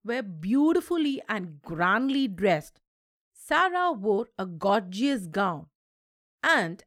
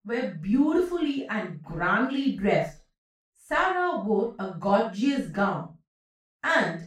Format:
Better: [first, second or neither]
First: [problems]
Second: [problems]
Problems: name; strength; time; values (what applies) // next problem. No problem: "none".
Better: first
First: none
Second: room echo; noticeable; dies away in 0.3 s // off-mic speech; far